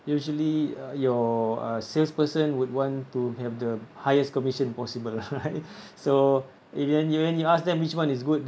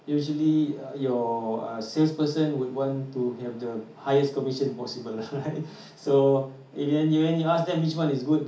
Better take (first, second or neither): first